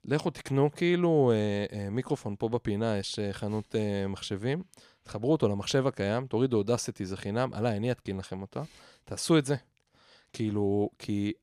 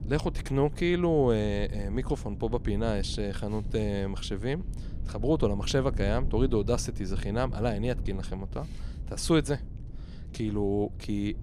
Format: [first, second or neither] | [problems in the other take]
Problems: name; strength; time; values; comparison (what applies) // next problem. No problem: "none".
first | low rumble; noticeable; throughout; 20 dB below the speech